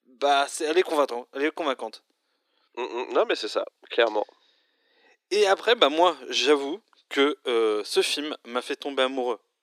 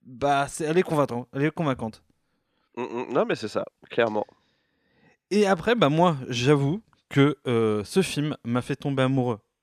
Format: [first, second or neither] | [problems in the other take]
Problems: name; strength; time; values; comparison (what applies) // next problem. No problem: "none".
second | thin; somewhat; fading below 300 Hz